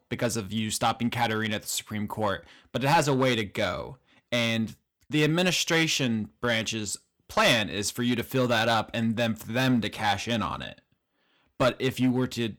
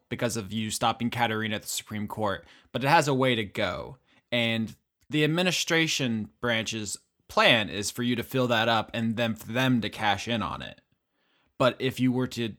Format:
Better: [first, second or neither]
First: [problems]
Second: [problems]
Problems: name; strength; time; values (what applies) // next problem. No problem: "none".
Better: second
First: distortion; slight; 3% of the sound clipped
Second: none